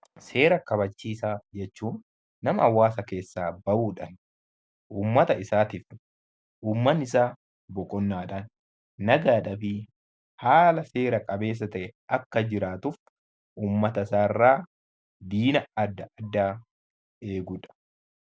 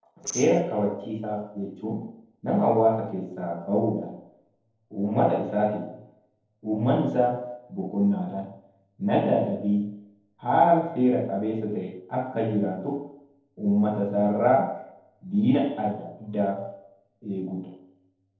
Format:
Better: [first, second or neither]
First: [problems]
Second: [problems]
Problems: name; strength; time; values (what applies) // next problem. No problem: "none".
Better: first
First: none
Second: noise reduction (neural separator model SepFormer DNS4)